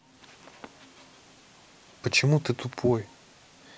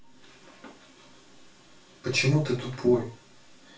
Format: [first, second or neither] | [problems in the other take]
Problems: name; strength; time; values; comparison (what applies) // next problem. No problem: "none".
first | room echo; dies away in 0.3 s